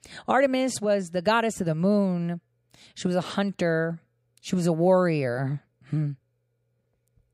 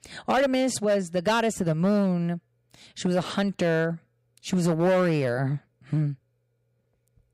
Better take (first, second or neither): first